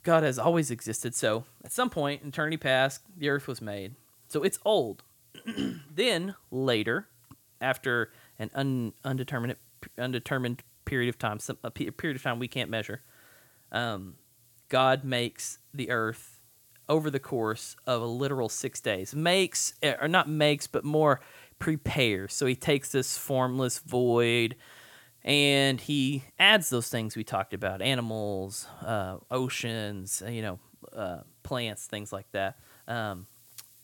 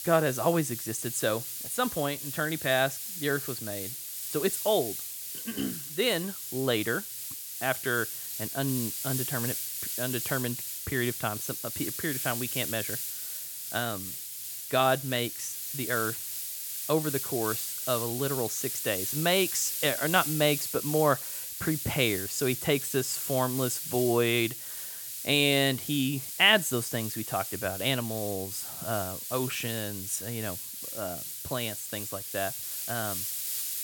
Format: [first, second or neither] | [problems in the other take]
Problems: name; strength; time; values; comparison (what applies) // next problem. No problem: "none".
first | hiss; loud; throughout; 4 dB below the speech; faint in the first